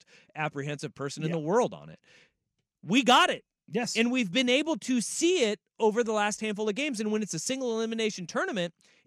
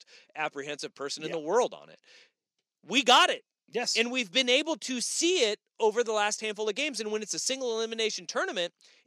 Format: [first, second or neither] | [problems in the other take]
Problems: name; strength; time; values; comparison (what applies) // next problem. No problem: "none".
first | thin; somewhat; fading below 400 Hz